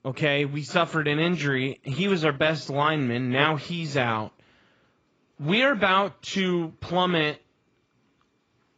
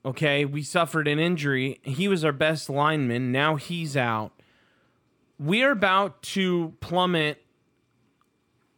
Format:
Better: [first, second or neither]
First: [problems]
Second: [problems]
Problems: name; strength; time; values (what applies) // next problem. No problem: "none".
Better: second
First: garbled, watery; badly; nothing above 7.5 kHz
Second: none